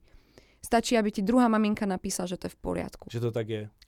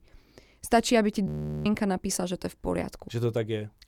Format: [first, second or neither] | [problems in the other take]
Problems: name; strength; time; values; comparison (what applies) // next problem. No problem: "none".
first | audio freezing; at 1.5 s